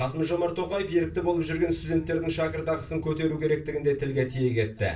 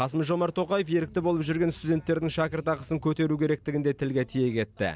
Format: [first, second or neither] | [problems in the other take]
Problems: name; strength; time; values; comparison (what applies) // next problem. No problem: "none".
second | room echo; dies away in 0.3 s